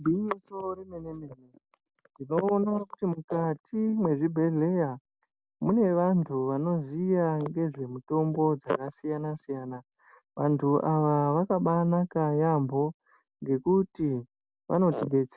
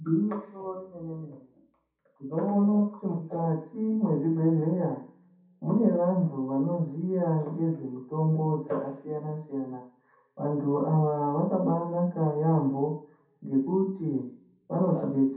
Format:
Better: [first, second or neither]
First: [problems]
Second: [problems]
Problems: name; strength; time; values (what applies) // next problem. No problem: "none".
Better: first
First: none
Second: room echo; dies away in 0.7 s